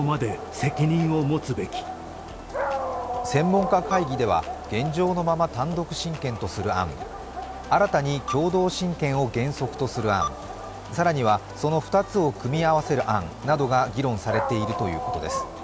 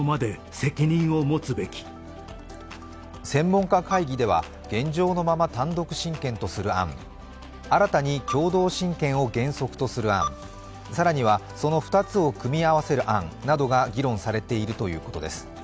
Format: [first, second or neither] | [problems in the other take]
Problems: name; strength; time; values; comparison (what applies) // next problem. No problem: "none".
second | background sound (Dog); 9 dB below the speech